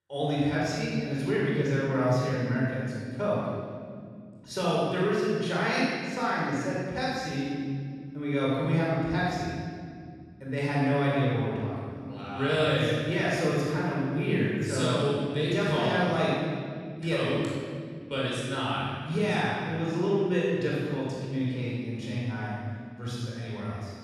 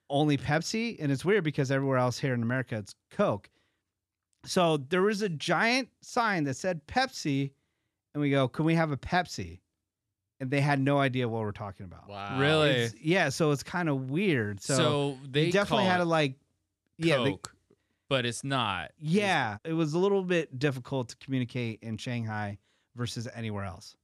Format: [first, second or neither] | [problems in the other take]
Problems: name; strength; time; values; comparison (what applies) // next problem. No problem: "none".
second | off-mic speech; far // room echo; strong; dies away in 2.1 s